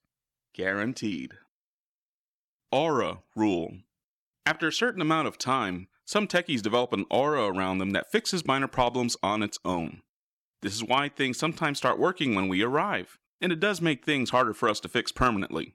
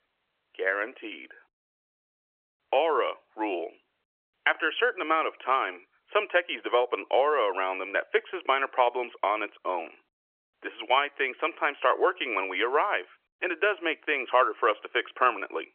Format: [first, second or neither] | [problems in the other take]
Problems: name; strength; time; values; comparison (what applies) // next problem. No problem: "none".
first | phone-call audio; nothing above 3.5 kHz